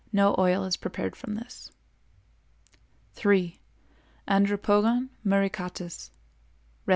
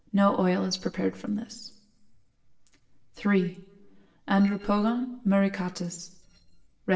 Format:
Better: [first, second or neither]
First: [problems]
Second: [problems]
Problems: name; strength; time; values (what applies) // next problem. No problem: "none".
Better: first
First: none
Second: noise reduction (neural separator model SepFormer DNS4)